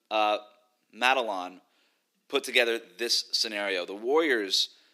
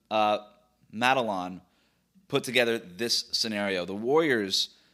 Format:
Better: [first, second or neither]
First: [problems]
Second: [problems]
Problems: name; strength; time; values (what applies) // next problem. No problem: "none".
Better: second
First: thin; very slightly; fading below 300 Hz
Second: none